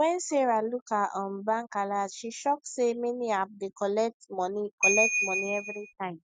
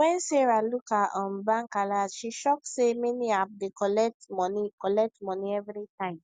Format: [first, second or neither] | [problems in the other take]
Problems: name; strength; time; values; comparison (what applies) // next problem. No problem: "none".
second | noise reduction (neural mask model RNNoise)